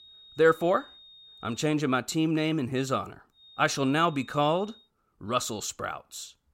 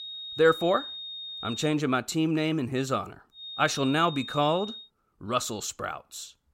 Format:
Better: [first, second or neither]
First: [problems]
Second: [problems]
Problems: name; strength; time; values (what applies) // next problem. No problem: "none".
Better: first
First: high-pitched whine; faint; until 1.5 s and from 3.5 to 5 s; 3.5 kHz, 25 dB below the speech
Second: high-pitched whine; loud; until 1.5 s and from 3.5 to 5 s; 3.5 kHz, 10 dB below the speech